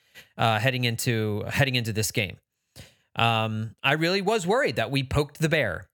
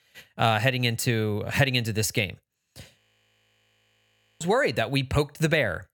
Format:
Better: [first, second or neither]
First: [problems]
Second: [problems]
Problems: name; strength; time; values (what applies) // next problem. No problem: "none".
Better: first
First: none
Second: audio freezing; at 3 s for 1.5 s